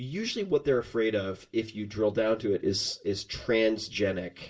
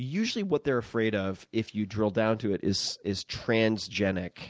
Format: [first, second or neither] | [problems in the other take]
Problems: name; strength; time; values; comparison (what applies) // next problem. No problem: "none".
second | room echo; dies away in 0.2 s